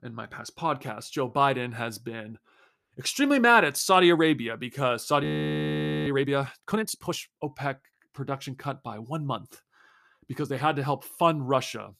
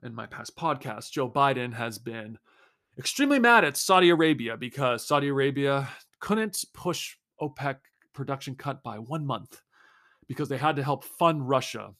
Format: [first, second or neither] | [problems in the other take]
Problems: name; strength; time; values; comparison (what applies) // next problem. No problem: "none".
second | audio freezing; at 5 s for 1 s